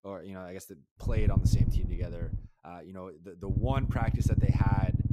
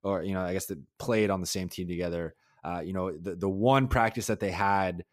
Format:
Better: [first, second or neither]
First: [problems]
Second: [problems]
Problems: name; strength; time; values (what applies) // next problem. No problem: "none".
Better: second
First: low rumble; loud; from 1 to 2.5 s and from 3.5 s on; 1 dB below the speech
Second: none